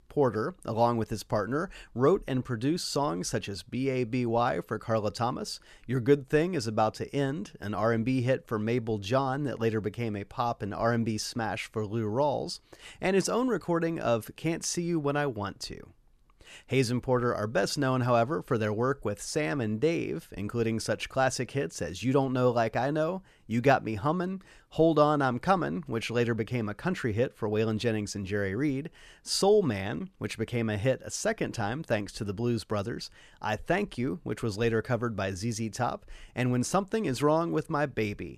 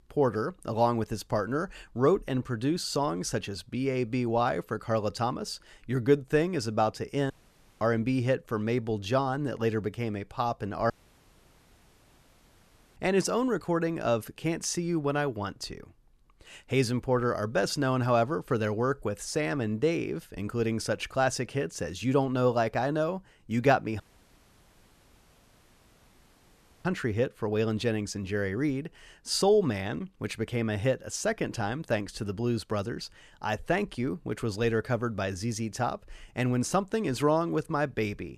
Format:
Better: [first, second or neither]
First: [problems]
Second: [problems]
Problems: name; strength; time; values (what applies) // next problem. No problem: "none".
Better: first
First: none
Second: audio cutting out; at 7.5 s for 0.5 s, at 11 s for 2 s and at 24 s for 3 s